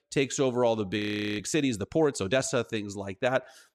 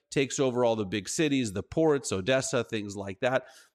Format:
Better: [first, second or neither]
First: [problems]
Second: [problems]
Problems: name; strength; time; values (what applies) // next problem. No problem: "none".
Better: second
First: audio freezing; at 1 s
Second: none